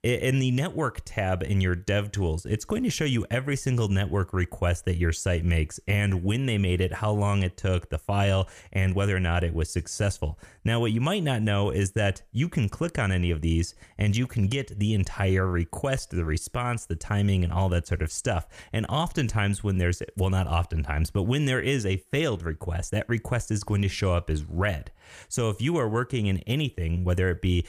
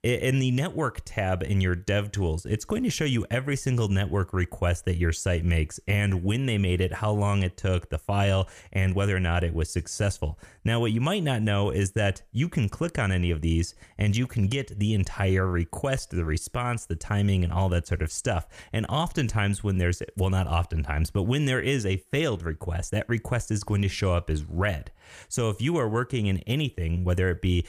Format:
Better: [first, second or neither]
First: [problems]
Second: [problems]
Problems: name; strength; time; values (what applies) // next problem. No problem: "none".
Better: neither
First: none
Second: none